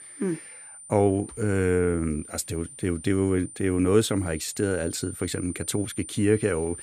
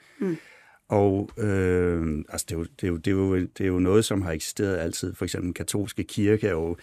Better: second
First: high-pitched whine; noticeable; throughout; 9 kHz, 15 dB below the speech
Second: none

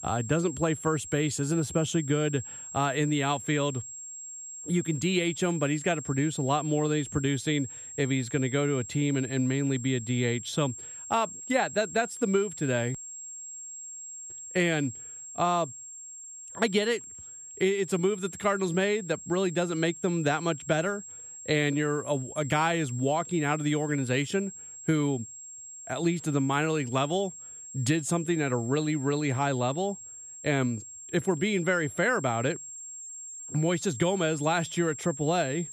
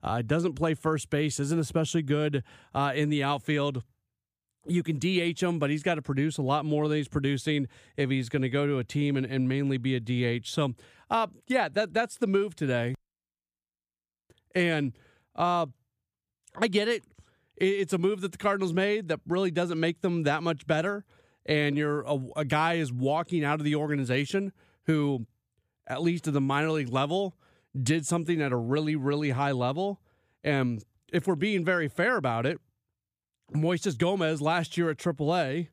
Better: second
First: high-pitched whine; noticeable; throughout; 7.5 kHz, 10 dB below the speech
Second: none

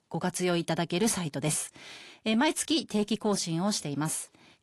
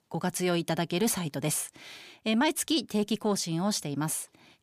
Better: second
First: garbled, watery; slightly; nothing above 11.5 kHz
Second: none

